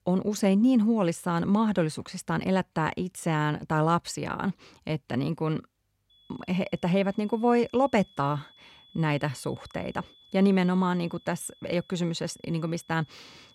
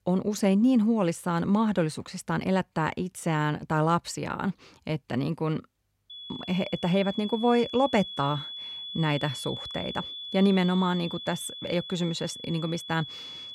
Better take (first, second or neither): first